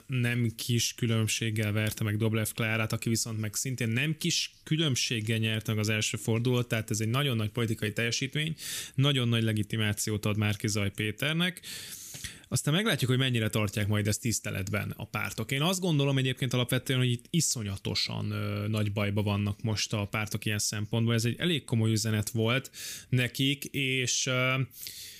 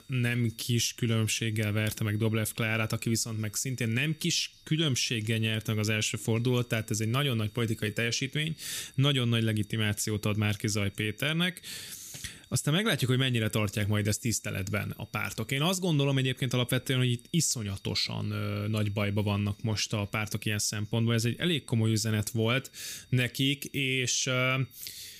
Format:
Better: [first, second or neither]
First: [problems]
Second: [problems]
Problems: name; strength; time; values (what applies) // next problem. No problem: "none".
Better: first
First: none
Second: high-pitched whine; faint; throughout; 3.5 kHz, 30 dB below the speech